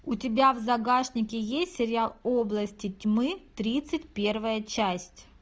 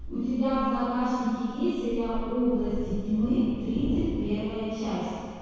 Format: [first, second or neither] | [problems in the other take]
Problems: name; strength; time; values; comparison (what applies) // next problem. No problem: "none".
first | background sound (Thunder); 9 dB below the speech // room echo; dies away in 2 s